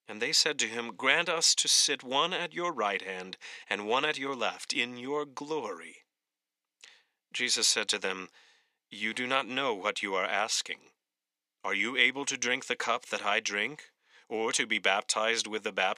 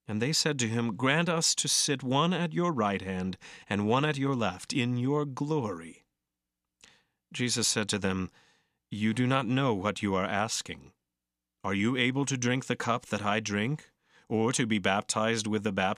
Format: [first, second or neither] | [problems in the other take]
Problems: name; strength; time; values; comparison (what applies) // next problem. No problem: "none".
second | thin; somewhat; fading below 450 Hz